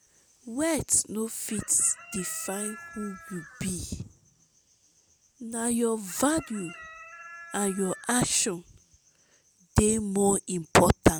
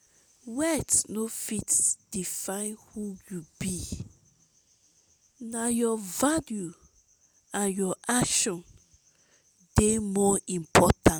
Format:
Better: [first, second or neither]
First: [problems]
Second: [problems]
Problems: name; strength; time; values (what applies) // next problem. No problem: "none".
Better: second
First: background sound (Chicken, rooster); 18 dB below the speech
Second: none